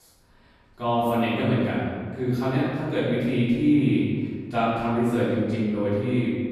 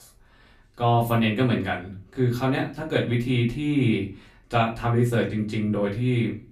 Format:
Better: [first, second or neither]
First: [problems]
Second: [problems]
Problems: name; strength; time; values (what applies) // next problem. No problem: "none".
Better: second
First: room echo; strong; dies away in 1.7 s // off-mic speech; far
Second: room echo; slight; dies away in 0.3 s // off-mic speech; far